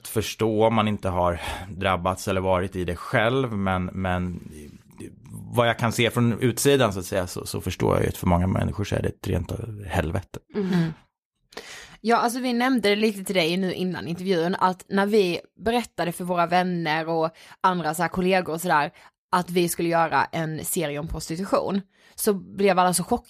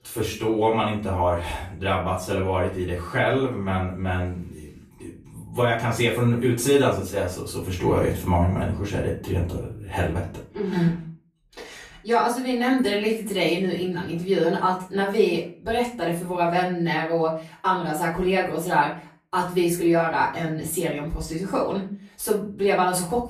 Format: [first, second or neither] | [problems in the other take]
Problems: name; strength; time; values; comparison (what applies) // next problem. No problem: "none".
first | off-mic speech; far // room echo; slight; dies away in 0.3 s